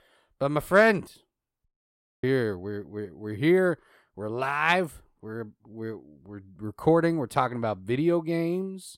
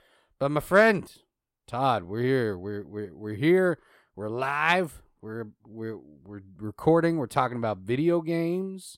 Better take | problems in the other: second | audio cutting out; at 1.5 s for 0.5 s

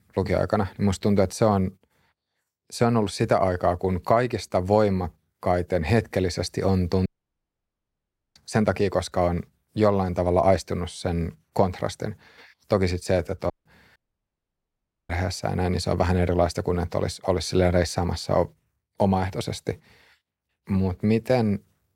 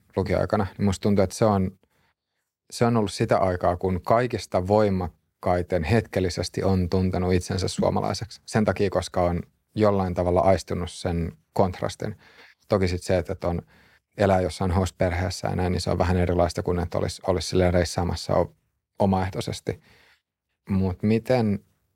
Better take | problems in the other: second | audio cutting out; at 7 s for 1.5 s and at 14 s for 1 s

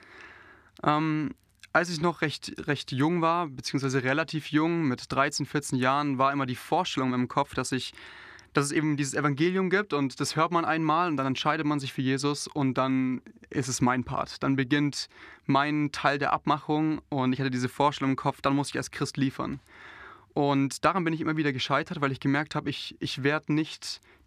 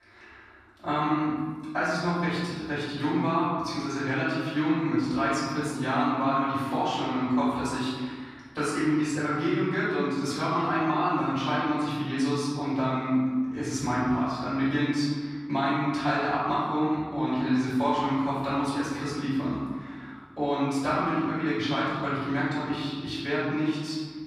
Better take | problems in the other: first | off-mic speech; far // room echo; strong; dies away in 1.5 s

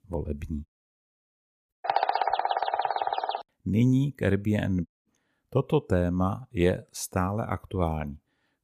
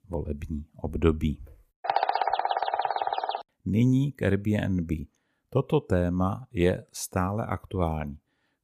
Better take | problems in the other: second | audio cutting out; at 0.5 s for 1 s and at 5 s

